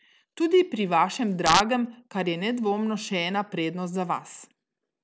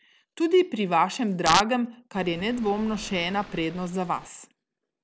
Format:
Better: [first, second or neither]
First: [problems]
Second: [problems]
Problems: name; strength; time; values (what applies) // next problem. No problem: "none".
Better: first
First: none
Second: background sound (Waves, surf); 19 dB below the speech